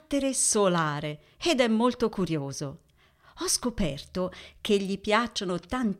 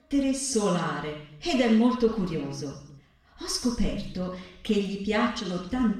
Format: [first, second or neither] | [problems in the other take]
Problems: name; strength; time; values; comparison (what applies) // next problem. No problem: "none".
first | room echo; noticeable; dies away in 0.8 s // off-mic speech; far